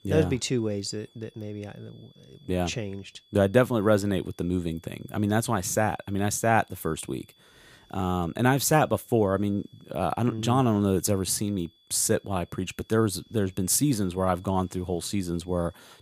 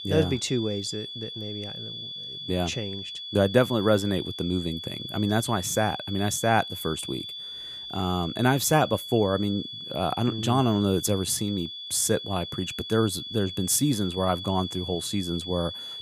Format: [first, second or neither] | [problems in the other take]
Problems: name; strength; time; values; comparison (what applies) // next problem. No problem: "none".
first | high-pitched whine; loud; throughout; 3.5 kHz, 9 dB below the speech; faint in the first